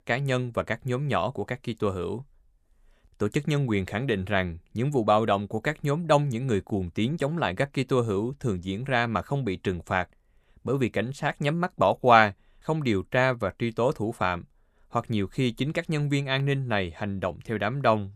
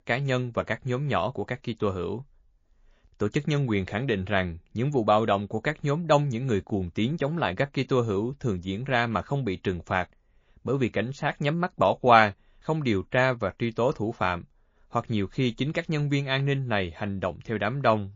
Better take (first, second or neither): first